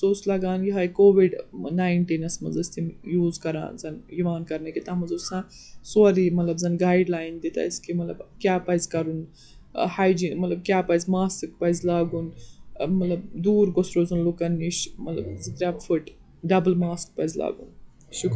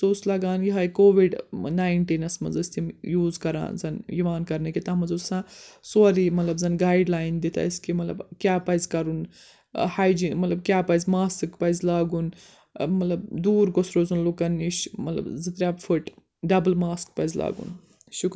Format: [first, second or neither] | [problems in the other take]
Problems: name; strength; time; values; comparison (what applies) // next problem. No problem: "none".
second | noise reduction (classical method log-MMSE)